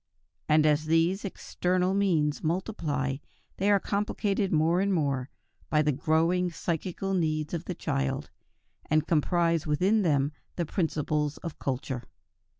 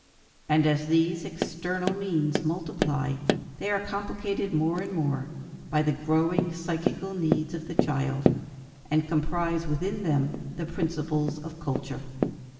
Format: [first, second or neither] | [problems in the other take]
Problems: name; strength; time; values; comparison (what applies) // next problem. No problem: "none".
first | background sound (Tap); 6 dB below the speech // room echo; dies away in 2.7 s